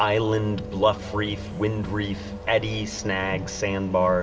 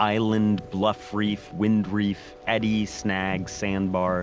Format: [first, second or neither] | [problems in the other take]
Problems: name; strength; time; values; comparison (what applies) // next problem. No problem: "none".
second | background sound (Train); 17 dB below the speech // room echo; dies away in 1.7 s